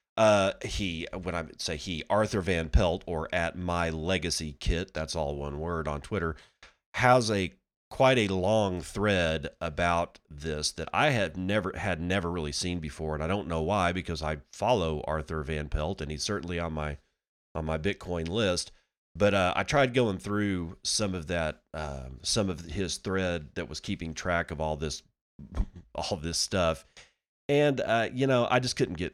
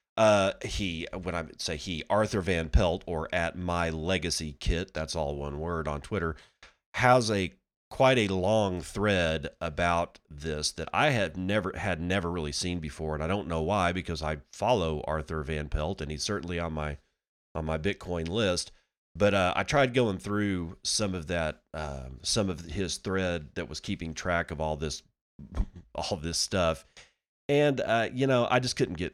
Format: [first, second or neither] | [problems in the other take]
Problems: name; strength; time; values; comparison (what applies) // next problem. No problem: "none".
neither | none